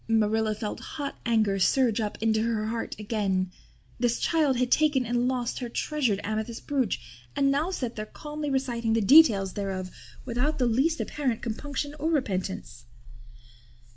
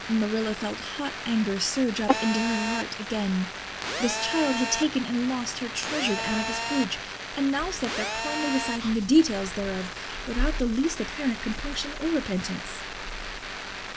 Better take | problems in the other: first | background sound (Telephone); 5 dB below the speech

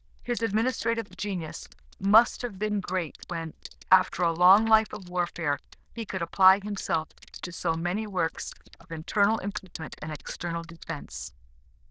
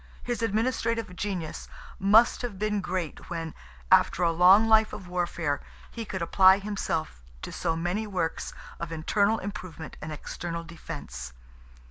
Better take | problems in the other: second | noise reduction (neural diffusion model UNIVERSE++)

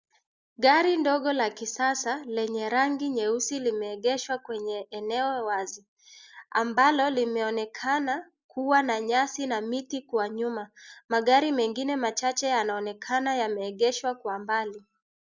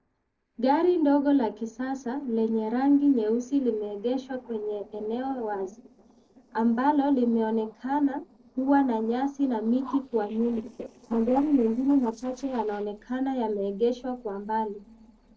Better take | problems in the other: first | noise reduction (neural separator model SepFormer DNS4)

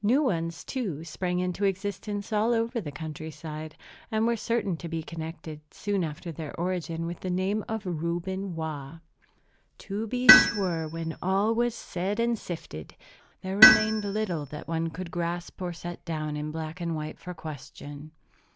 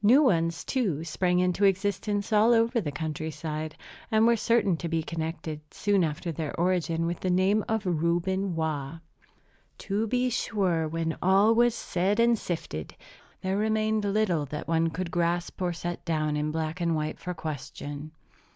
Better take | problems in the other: second | background sound (Tools); 2 dB above the speech

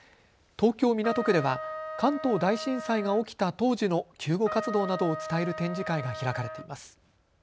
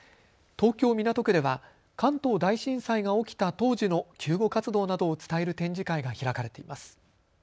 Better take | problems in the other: second | background sound (Trumpet); 10 dB below the speech

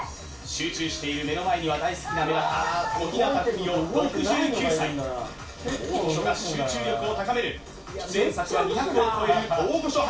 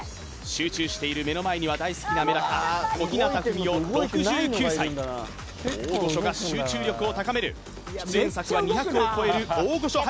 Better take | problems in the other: second | room echo; dies away in 0.4 s

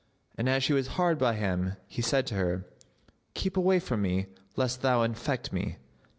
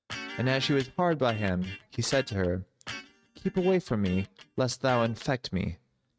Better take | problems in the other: first | noise reduction (neural mask model RNNoise)

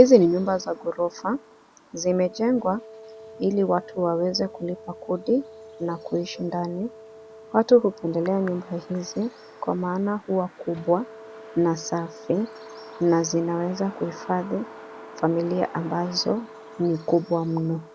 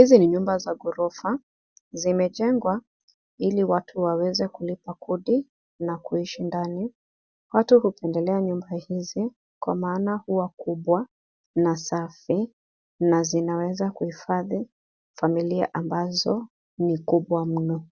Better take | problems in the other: second | background sound (Bird vocalization, bird call, bird song + Wind instrument, woodwind instrument); 18 dB below the speech

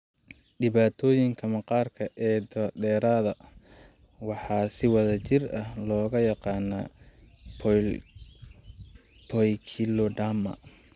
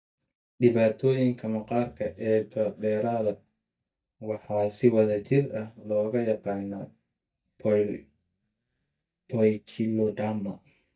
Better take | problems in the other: first | noise reduction (neural mask model DeepFilterNet 3)

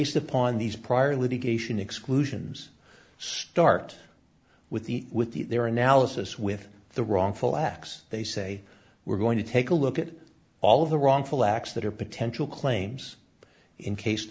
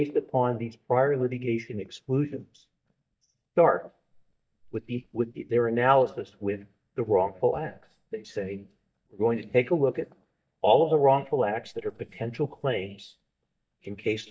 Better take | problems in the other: first | noise reduction (neural mask model DeepFilterNet 3)

